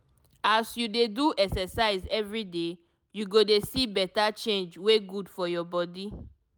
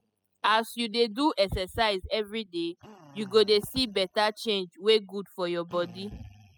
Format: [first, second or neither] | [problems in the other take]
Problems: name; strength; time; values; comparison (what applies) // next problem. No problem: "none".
first | noise reduction (classical method spectral subtraction)